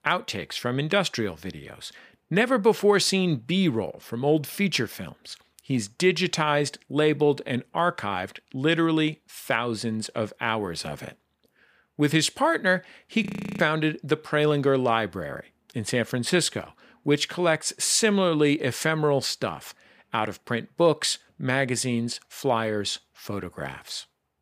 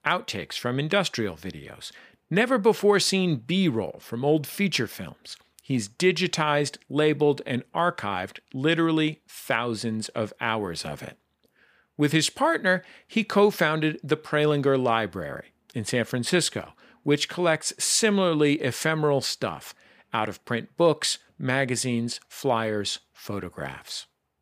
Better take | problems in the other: second | audio freezing; at 13 s

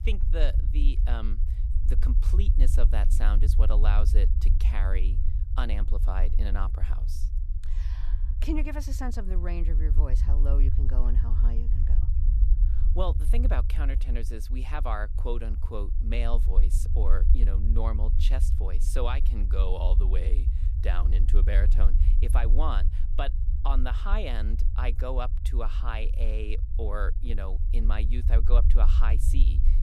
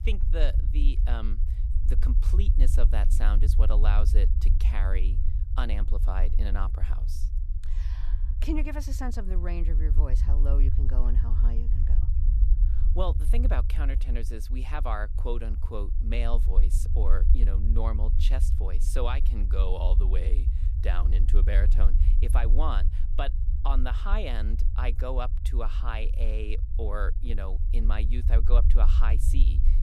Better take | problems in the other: neither | low rumble; loud; throughout; 10 dB below the speech; the same in both

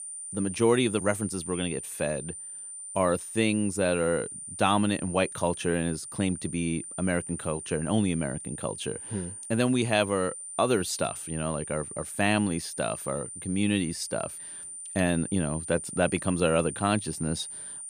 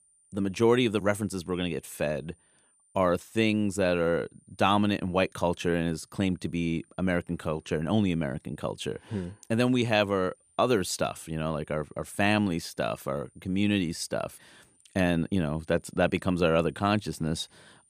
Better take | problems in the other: second | high-pitched whine; loud; throughout; 9 kHz, 9 dB below the speech; faint in the second

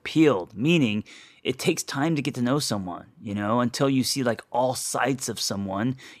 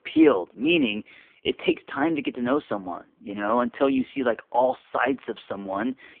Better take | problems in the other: first | phone-call audio; poor line; nothing above 3 kHz

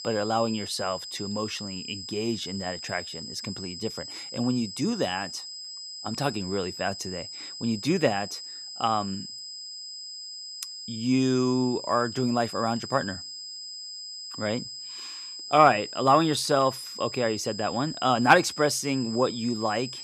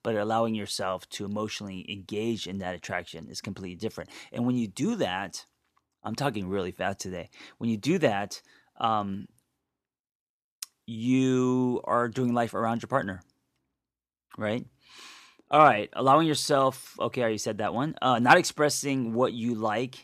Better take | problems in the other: second | high-pitched whine; loud; throughout; 5 kHz, 10 dB below the speech

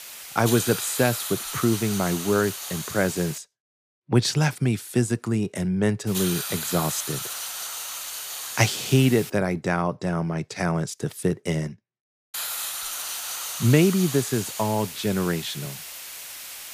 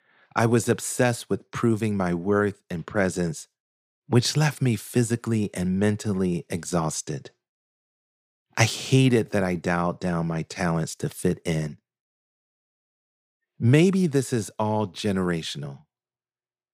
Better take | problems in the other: second | hiss; loud; until 3.5 s, from 6 to 9.5 s and from 12 s on; 6 dB below the speech

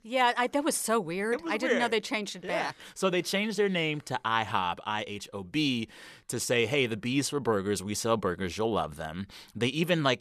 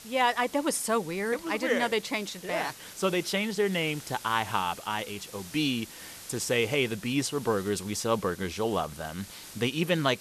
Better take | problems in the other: first | hiss; noticeable; throughout; 15 dB below the speech

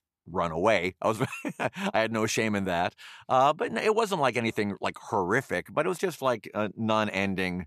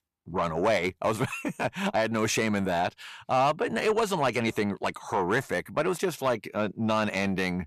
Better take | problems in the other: first | distortion; slight; 10 dB below the speech

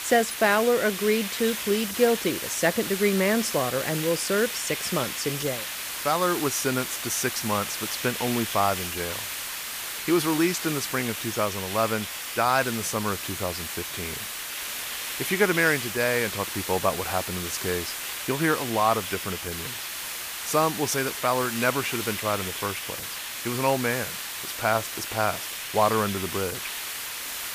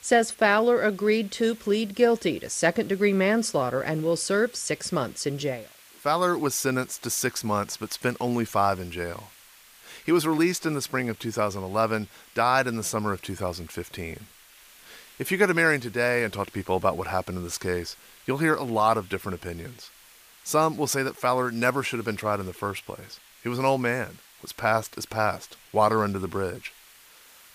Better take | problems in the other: second | hiss; loud; throughout; 4 dB below the speech; faint in the second

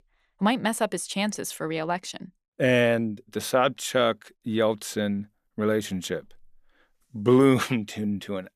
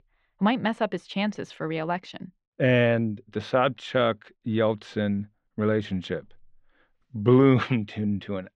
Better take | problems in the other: first | muffled; slightly; fading above 3.5 kHz

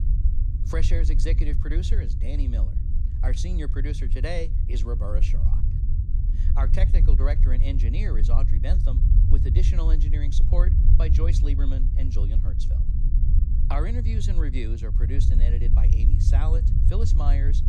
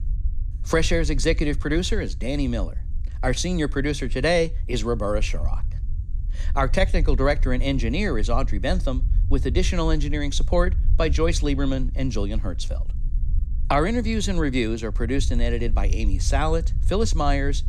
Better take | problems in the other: second | low rumble; loud; throughout; 4 dB below the speech; faint in the second

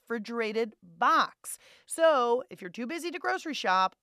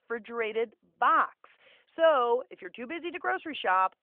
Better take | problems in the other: first | phone-call audio; nothing above 3 kHz

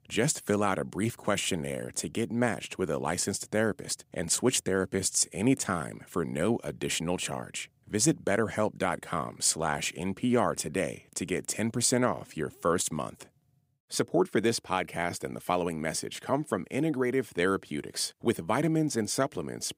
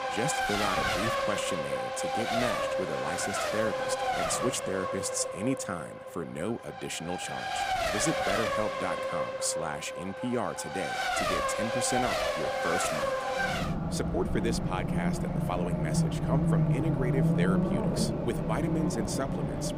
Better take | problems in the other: first | traffic noise; very loud; throughout; 4 dB above the speech

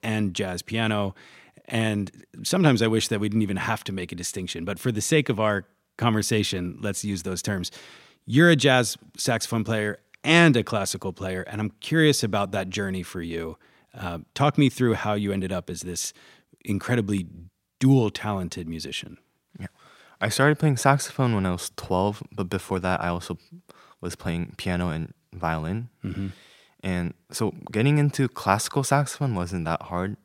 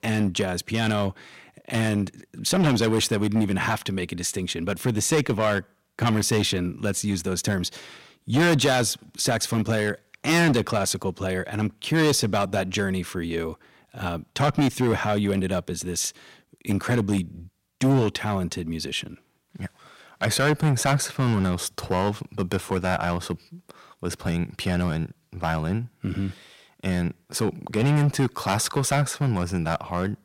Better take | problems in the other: first | distortion; heavy; 5% of the sound clipped

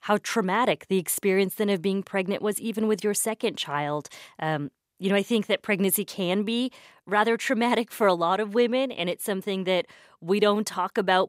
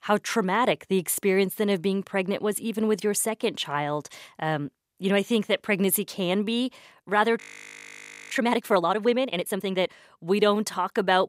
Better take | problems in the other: first | audio freezing; at 7.5 s for 1 s

